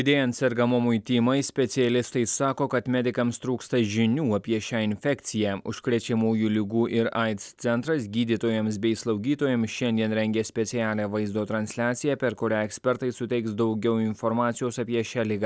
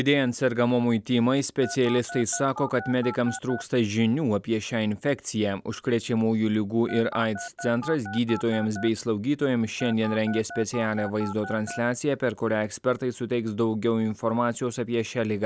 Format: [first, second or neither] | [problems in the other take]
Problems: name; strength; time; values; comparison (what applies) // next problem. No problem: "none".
first | background sound (Telephone); 13 dB below the speech